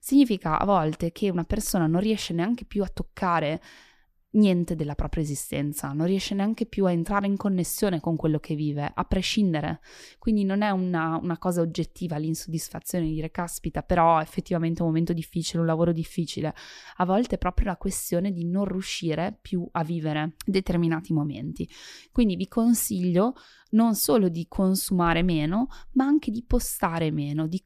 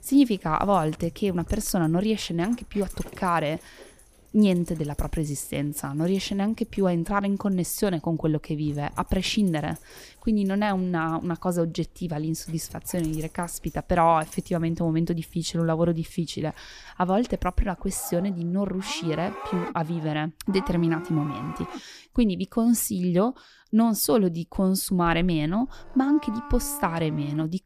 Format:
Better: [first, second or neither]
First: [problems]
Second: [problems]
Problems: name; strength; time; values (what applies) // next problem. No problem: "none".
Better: first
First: none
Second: animal sounds; noticeable; throughout; 15 dB below the speech